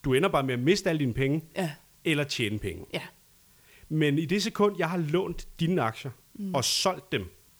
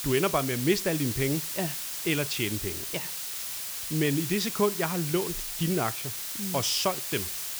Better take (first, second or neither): first